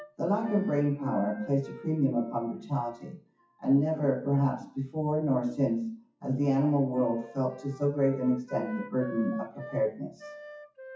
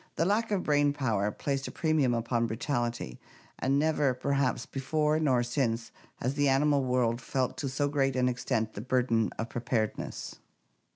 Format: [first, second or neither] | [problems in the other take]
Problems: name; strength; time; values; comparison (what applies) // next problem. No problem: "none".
second | noise reduction (classical method WPE with log-MMSE)